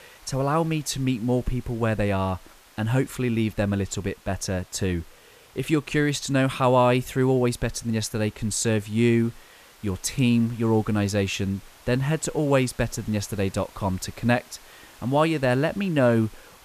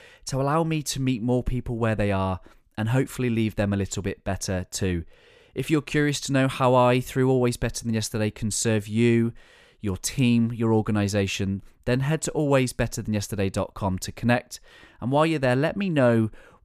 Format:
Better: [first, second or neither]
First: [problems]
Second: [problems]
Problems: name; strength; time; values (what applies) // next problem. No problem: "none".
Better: second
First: hiss; faint; throughout; 25 dB below the speech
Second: none